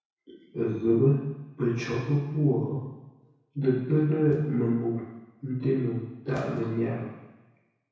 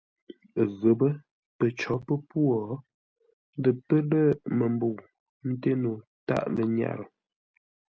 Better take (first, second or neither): second